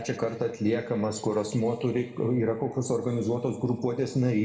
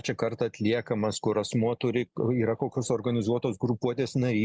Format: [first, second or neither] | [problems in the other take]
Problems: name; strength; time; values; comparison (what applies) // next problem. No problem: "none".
second | room echo; dies away in 1.5 s